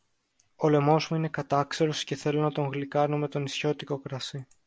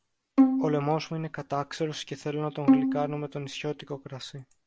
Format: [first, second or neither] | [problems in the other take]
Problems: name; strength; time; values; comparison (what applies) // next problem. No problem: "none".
first | background sound (Bowed string instrument); 4 dB above the speech